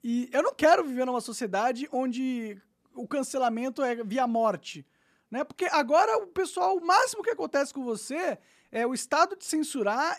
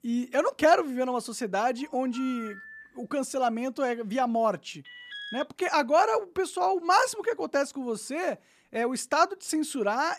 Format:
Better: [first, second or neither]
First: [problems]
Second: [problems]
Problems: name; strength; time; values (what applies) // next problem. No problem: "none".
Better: first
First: none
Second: phone ringing; faint; from 2 to 3 s; peak 15 dB below the speech // alarm; faint; at 5 s; peak 10 dB below the speech